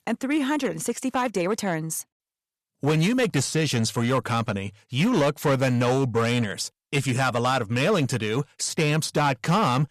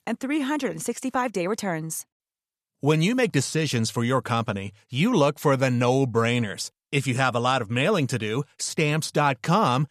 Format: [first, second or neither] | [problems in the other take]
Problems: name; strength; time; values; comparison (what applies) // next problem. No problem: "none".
second | distortion; slight; 8% of the sound clipped